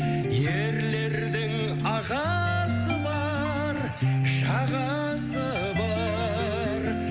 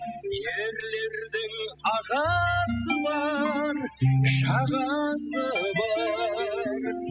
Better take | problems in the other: first | noise reduction (classical method spectral subtraction)

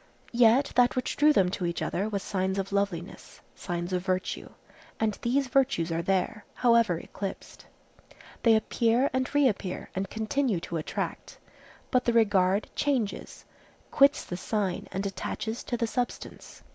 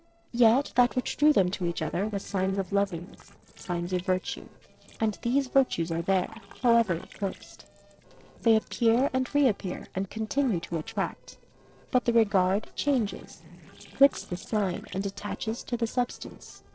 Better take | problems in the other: first | noise reduction (neural separator model SepFormer DNS4)

